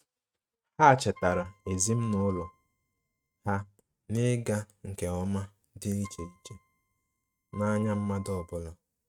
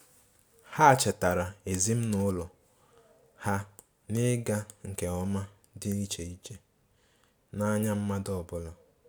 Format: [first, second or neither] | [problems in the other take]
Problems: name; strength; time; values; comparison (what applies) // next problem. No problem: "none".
second | noise reduction (neural mask model RNNoise)